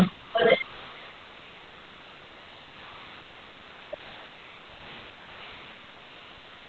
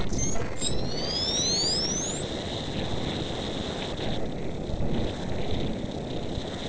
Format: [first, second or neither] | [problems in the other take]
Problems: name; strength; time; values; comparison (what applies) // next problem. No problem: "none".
first | noise reduction (neural separator model SepFormer DNS4)